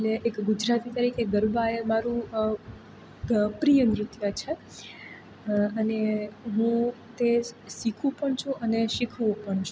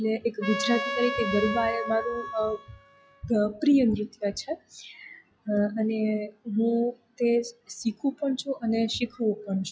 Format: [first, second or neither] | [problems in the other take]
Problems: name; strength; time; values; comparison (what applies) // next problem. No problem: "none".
first | noise reduction (classical method log-MMSE)